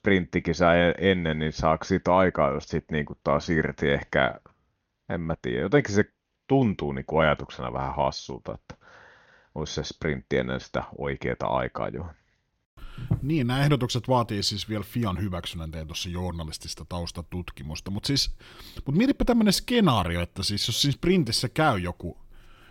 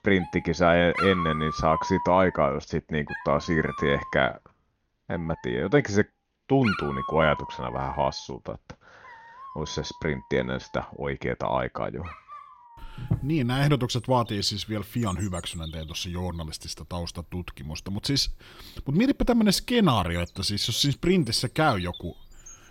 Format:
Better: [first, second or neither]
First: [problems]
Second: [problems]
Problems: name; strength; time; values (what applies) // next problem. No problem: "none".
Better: first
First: none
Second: animal sounds; noticeable; throughout; 10 dB below the speech